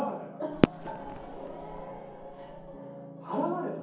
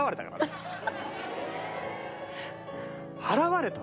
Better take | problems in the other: second | background sound (Fireworks); 4 dB above the speech // room echo; dies away in 1.2 s

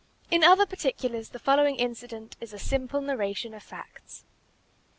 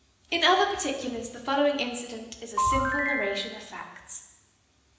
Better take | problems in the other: first | background sound (Ringtone / Chime); 1 dB above the speech // room echo; dies away in 1 s

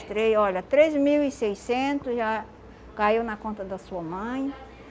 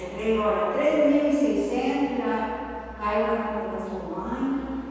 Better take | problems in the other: first | room echo; dies away in 2.1 s

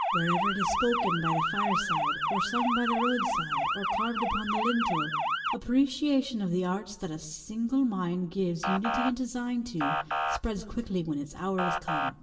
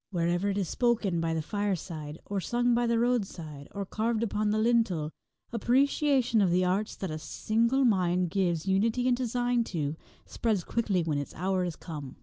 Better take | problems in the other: second | background sound (Motor vehicle (road) / Siren); 1 dB below the speech // room echo; dies away in 0.8 s

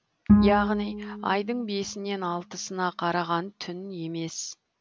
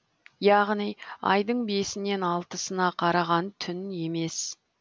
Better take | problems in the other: second | background sound (Bowed string instrument); 1 dB above the speech

